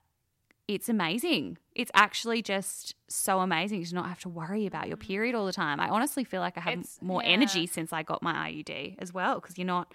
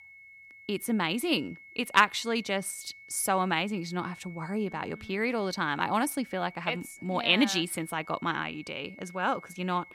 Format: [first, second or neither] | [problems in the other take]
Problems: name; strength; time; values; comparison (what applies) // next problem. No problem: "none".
first | high-pitched whine; noticeable; throughout; 2 kHz, 20 dB below the speech